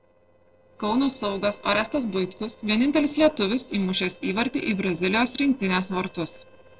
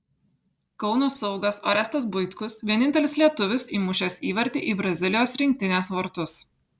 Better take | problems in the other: second | noise reduction (neural separator model SepFormer DNS4)

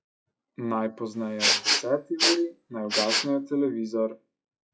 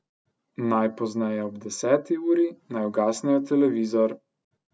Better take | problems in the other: second | noise reduction (classical method log-MMSE)

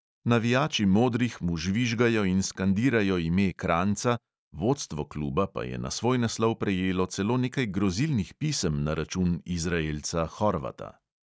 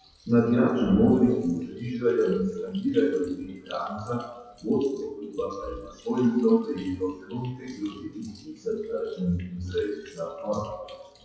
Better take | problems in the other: first | noise reduction (classical method WPE with log-MMSE)

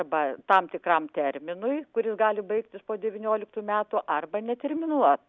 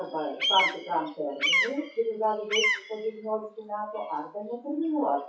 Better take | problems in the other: first | noise reduction (classical method WPE with log-MMSE)

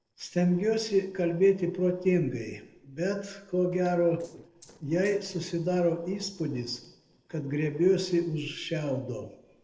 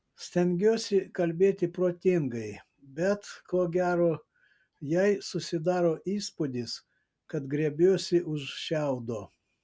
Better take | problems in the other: second | noise reduction (neural separator model SepFormer DNS4)

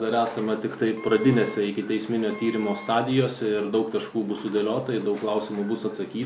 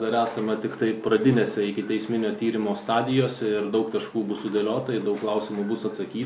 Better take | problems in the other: second | background sound (Wind instrument, woodwind instrument); 19 dB below the speech

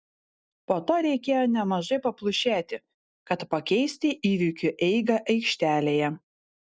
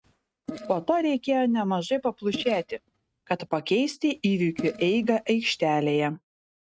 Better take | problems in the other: first | noise reduction (neural mask model RNNoise)

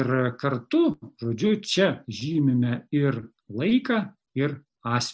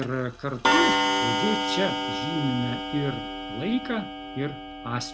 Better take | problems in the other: first | background sound (Clock); 2 dB above the speech

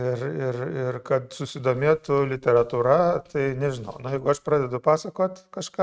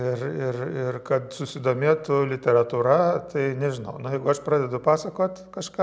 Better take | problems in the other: second | noise reduction (neural mask model RNNoise)

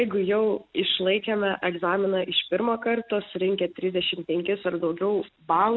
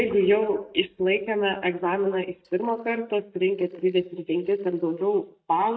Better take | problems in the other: first | noise reduction (neural mask model DeepFilterNet 3)

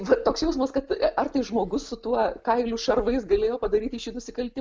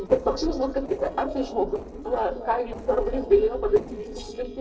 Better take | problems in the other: first | noise reduction (neural separator model SepFormer DNS4)

